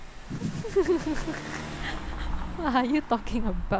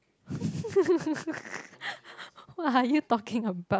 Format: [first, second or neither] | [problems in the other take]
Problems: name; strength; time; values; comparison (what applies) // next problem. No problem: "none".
second | background sound (Engine / Car); 4 dB below the speech